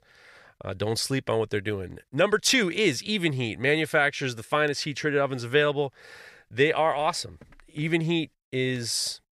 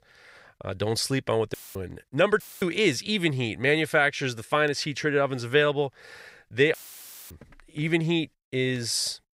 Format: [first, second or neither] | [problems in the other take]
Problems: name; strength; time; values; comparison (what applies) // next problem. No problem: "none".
first | audio cutting out; filled with static; at 1.5 s, at 2.5 s and at 6.5 s for 0.5 s